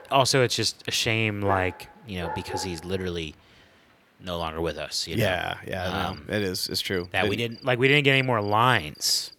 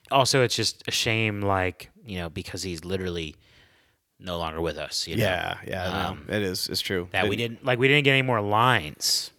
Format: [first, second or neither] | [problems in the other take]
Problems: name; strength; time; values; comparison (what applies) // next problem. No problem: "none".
second | animal sounds; noticeable; throughout; 15 dB below the speech